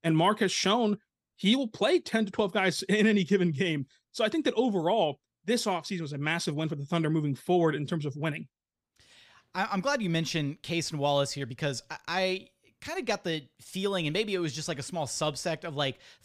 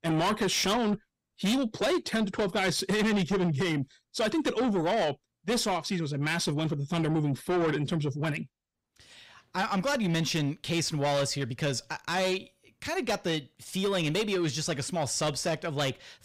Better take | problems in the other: first | distortion; heavy; 7 dB below the speech

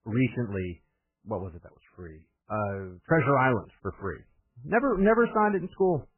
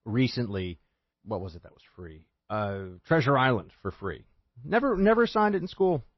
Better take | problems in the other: second | garbled, watery; badly; nothing above 2.5 kHz; slightly in the second

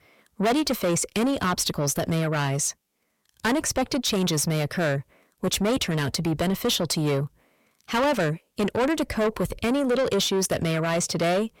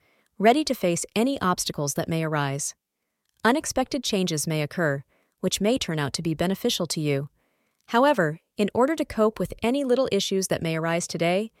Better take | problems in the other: second | distortion; heavy; 7 dB below the speech

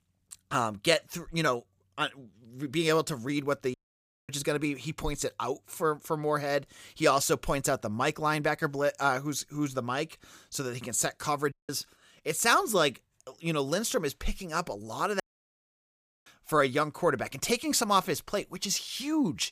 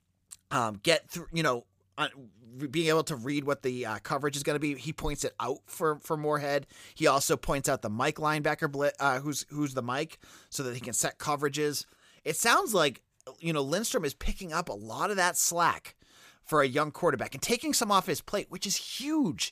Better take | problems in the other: second | audio cutting out; at 3.5 s for 0.5 s, at 12 s and at 15 s for 1 s

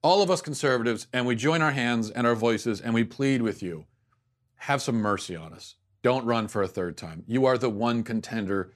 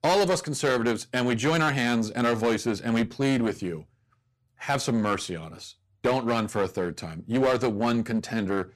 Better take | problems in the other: first | distortion; slight; 8% of the sound clipped

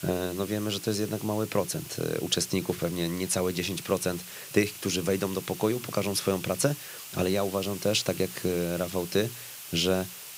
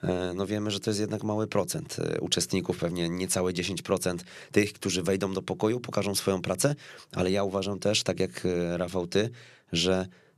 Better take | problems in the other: second | hiss; noticeable; throughout; 10 dB below the speech

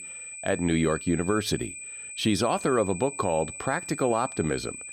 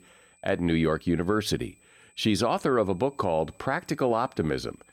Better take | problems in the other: second | high-pitched whine; loud; throughout; 8 kHz, 10 dB below the speech; faint in the second

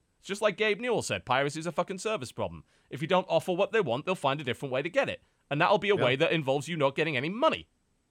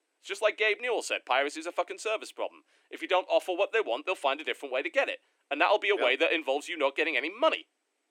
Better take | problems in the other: first | thin; somewhat; fading below 300 Hz

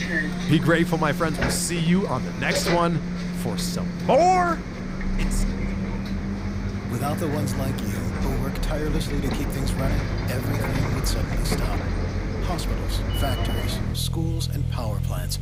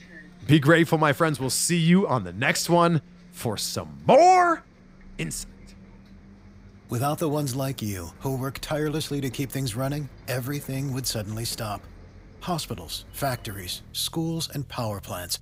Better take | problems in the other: second | traffic noise; loud; throughout; 1 dB below the speech; faint in the second

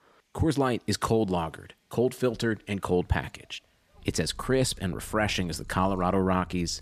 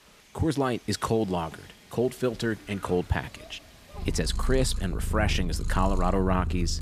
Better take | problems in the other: first | animal sounds; loud; throughout; 4 dB below the speech; faint in the first

